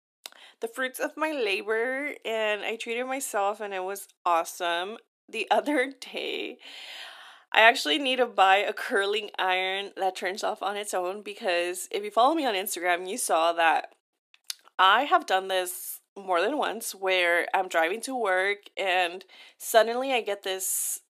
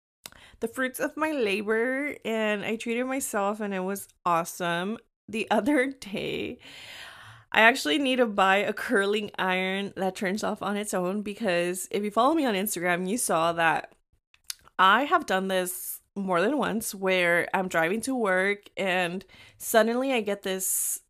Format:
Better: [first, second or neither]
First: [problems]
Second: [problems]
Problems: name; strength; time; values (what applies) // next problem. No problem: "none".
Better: second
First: thin; somewhat; fading below 300 Hz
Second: none